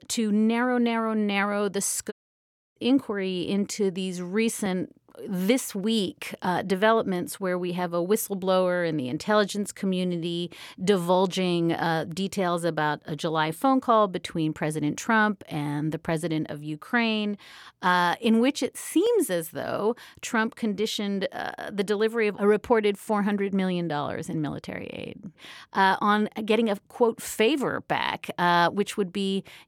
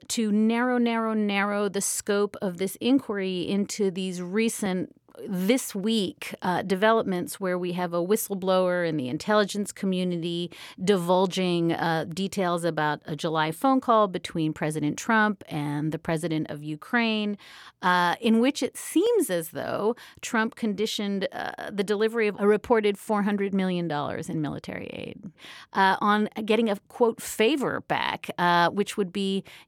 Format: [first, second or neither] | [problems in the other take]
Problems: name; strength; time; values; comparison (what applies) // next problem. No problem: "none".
second | audio cutting out; at 2 s for 0.5 s